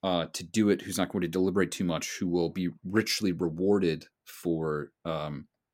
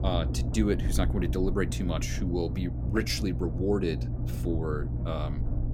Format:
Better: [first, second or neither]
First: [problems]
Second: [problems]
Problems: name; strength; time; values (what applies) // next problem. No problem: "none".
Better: first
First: none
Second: low rumble; loud; throughout; 10 dB below the speech